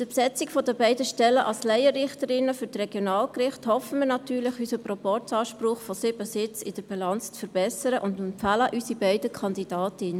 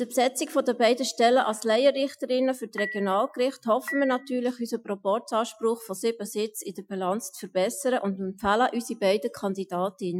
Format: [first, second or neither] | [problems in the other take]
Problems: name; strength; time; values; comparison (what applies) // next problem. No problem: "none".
first | noise reduction (classical method Wiener filter)